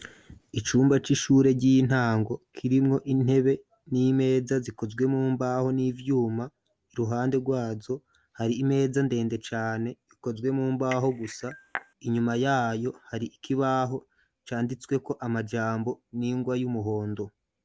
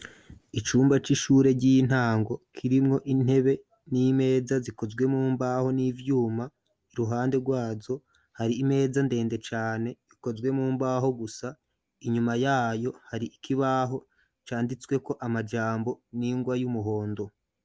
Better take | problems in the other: second | background sound (Cutlery, silverware / Dishes, pots, and pans / Chink, clink); 14 dB below the speech

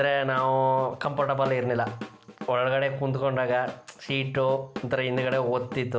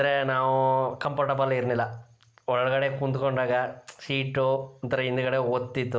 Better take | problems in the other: second | background sound (Drum / Drum kit); 15 dB below the speech

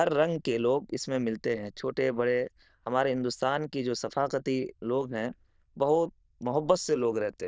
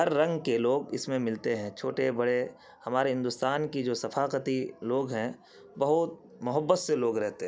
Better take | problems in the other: second | noise reduction (neural diffusion model UNIVERSE++)

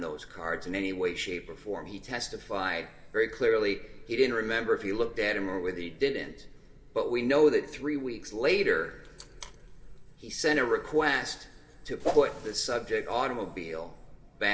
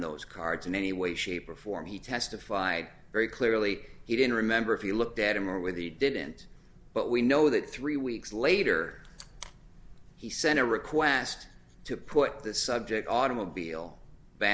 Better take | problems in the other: second | background sound (Whoosh, swoosh, swish); 3 dB below the speech // room echo; dies away in 2.8 s

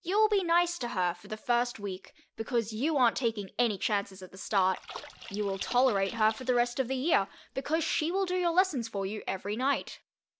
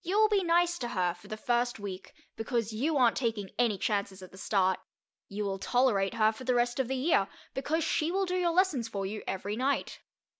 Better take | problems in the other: second | noise reduction (neural separator model SepFormer DNS4)

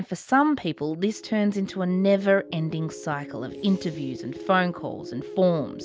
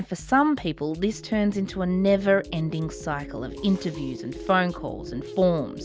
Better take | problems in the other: first | background sound (Drum kit); 19 dB below the speech

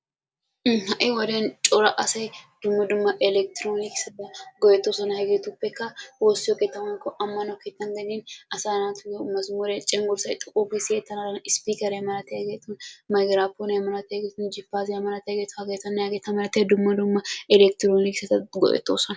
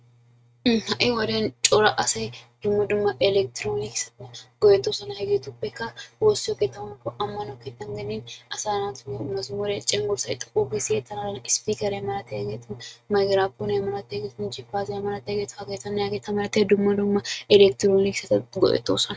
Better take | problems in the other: first | noise reduction (neural mask model RNNoise)

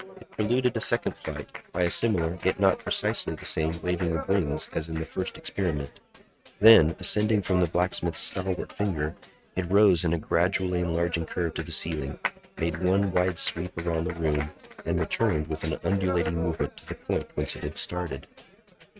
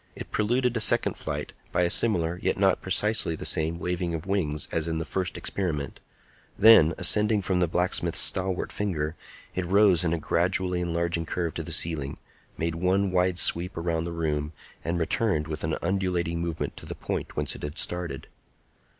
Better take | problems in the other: second | noise reduction (neural mask model RNNoise)

